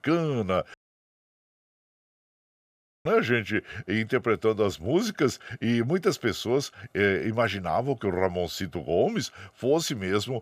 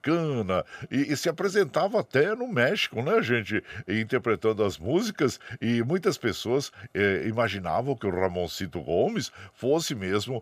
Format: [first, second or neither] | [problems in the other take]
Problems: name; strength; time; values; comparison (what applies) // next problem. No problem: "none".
second | audio cutting out; at 0.5 s for 2.5 s